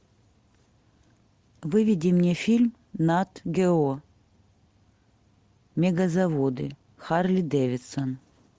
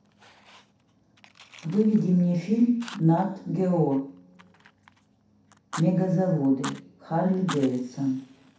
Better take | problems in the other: first | background sound (Fire); 20 dB below the speech // room echo; dies away in 0.7 s

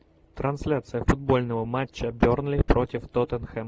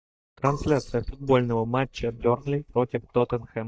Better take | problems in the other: first | noise reduction (neural mask model DeepFilterNet 3)

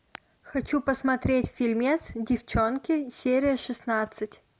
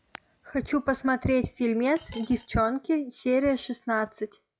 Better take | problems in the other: first | noise reduction (classical method log-MMSE)

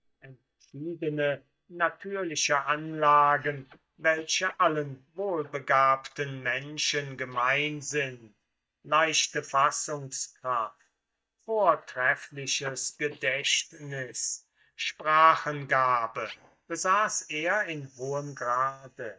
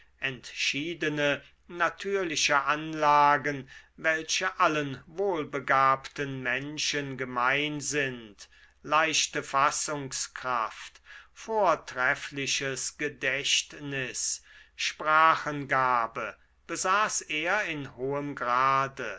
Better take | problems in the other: second | noise reduction (neural mask model DeepFilterNet 3)

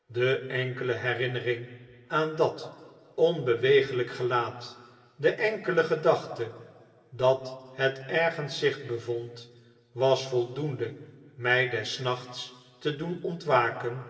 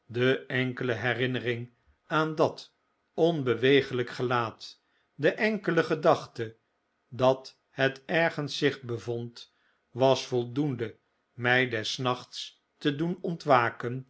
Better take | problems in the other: second | room echo; dies away in 1.9 s

